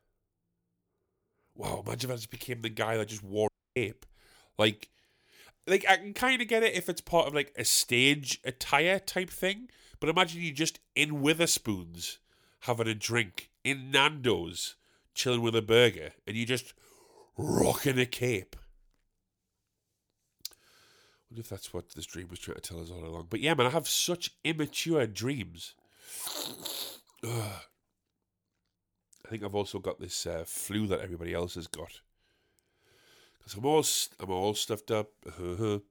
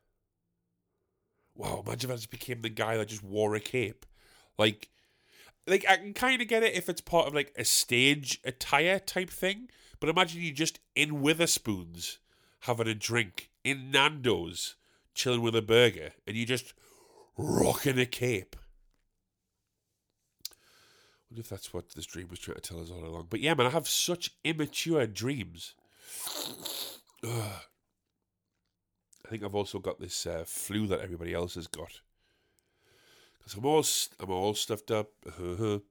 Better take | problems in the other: second | audio cutting out; at 3.5 s

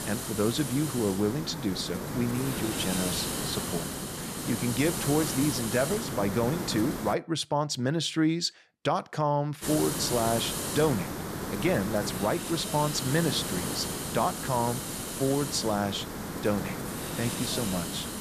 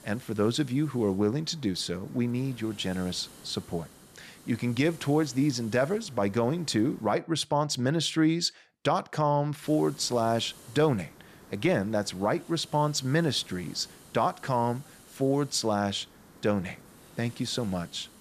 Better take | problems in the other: second | hiss; loud; until 7 s and from 9.5 s on; 3 dB below the speech; faint in the second

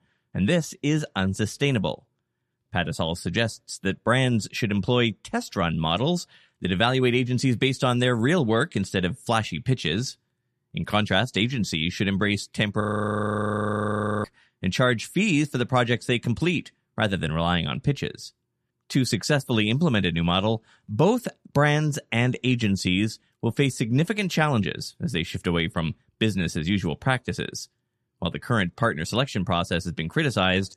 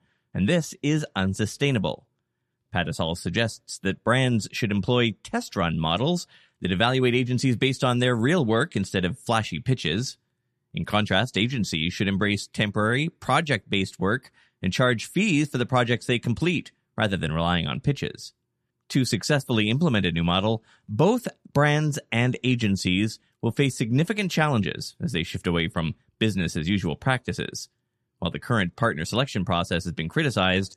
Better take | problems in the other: second | audio freezing; at 13 s for 1.5 s

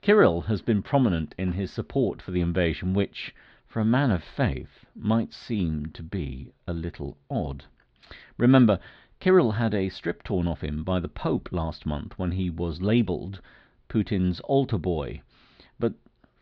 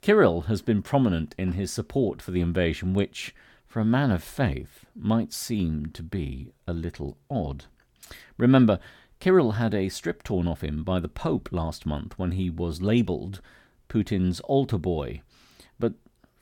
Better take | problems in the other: second | muffled; very slightly; fading above 4 kHz

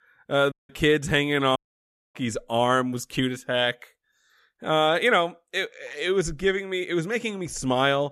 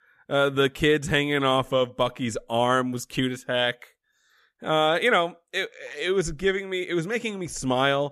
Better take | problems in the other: second | audio cutting out; at 0.5 s and at 1.5 s for 0.5 s

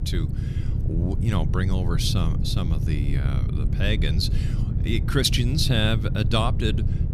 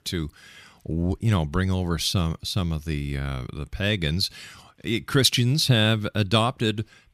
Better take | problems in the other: second | low rumble; noticeable; throughout; 10 dB below the speech

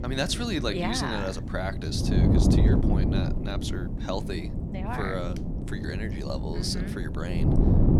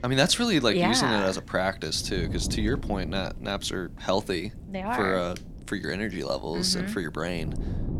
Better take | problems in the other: second | wind noise on the microphone; heavy; 3 dB below the speech; occasional gusts in the second

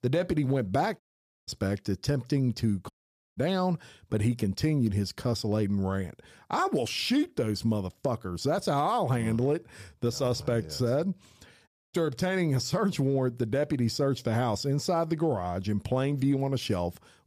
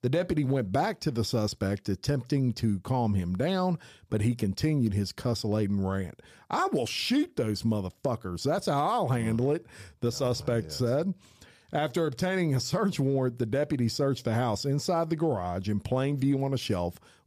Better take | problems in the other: second | audio cutting out; at 1 s, at 3 s and at 12 s

